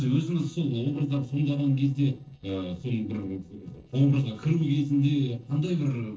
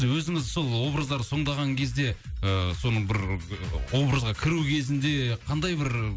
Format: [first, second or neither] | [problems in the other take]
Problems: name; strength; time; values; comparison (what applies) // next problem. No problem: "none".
second | noise reduction (neural separator model SepFormer DNS4)